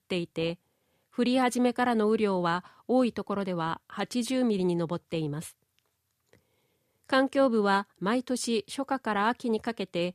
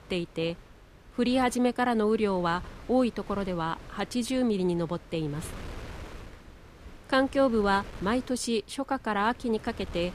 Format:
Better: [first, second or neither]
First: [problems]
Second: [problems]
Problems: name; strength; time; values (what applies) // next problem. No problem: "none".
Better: first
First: none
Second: wind noise on the microphone; occasional gusts; 20 dB below the speech